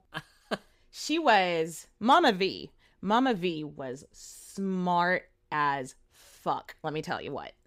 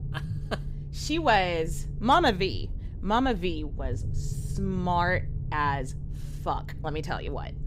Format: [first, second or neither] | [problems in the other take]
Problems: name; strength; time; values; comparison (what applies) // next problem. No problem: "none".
first | low rumble; faint; throughout; 20 dB below the speech